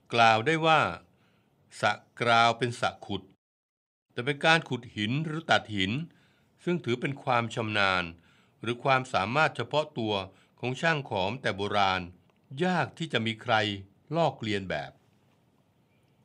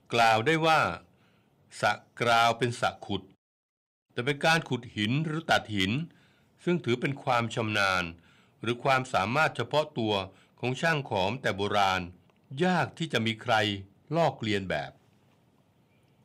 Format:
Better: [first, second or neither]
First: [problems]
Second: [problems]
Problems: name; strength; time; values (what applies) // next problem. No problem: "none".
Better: first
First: none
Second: distortion; slight; 1.5% of the sound clipped